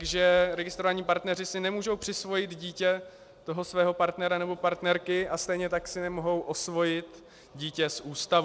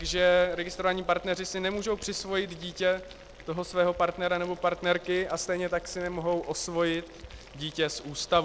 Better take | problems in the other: first | background sound (Boiling); 20 dB below the speech

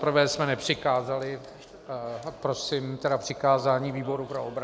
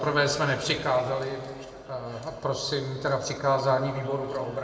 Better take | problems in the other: first | room echo; dies away in 2.2 s

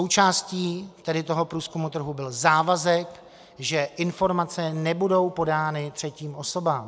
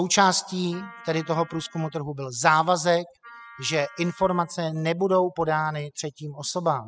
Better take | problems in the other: first | noise reduction (classical method spectral subtraction)

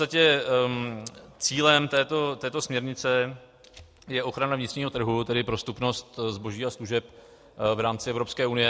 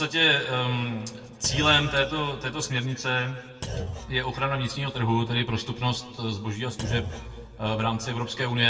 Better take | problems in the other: first | background sound (Thump, thud); 11 dB below the speech // room echo; dies away in 1.6 s

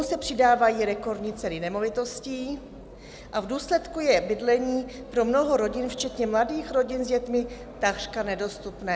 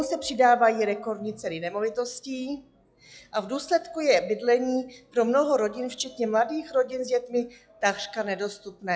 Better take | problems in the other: first | noise reduction (classical method log-MMSE)

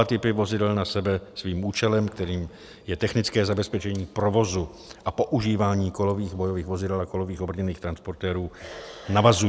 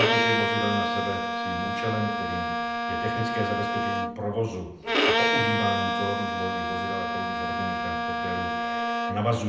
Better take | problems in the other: first | background sound (Bowed string instrument); 4 dB above the speech // room echo; dies away in 0.7 s

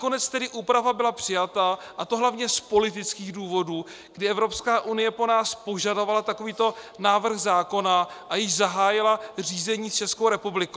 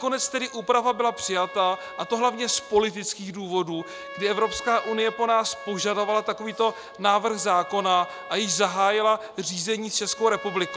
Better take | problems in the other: first | background sound (Trumpet); 16 dB below the speech

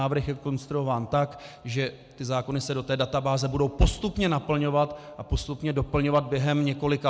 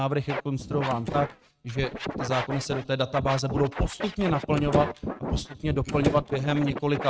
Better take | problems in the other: first | noise reduction (neural mask model RNNoise)

